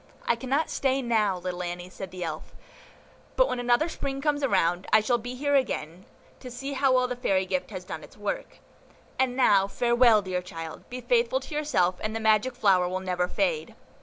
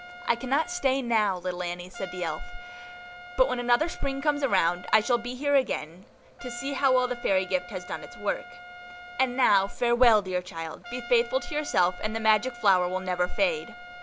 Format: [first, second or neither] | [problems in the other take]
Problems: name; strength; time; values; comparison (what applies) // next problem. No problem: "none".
first | background sound (Trumpet); 17 dB below the speech